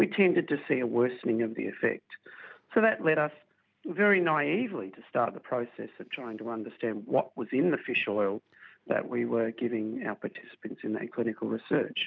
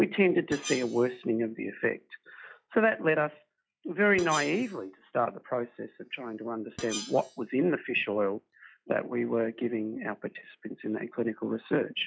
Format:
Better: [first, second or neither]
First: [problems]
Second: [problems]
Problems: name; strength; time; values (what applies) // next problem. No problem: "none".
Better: first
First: none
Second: noise reduction (classical method log-MMSE)